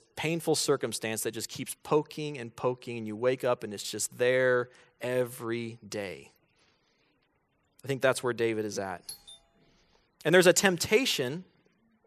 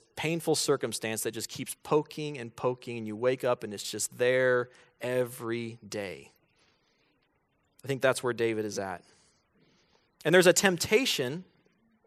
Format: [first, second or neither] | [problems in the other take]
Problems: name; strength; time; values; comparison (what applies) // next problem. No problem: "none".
second | doorbell; faint; at 9 s; peak 15 dB below the speech